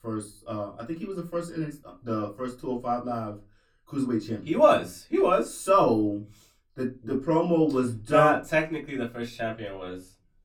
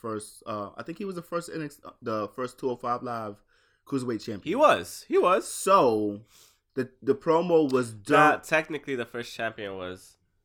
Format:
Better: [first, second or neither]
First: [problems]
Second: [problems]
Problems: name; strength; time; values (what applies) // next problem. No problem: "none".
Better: second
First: off-mic speech; far // room echo; very slight; dies away in 0.2 s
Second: none